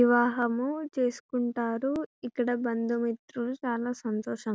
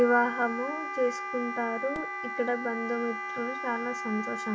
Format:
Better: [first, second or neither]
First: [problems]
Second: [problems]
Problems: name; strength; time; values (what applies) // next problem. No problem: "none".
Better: first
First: none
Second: background sound (Wind instrument, woodwind instrument); 5 dB below the speech // room echo; dies away in 0.2 s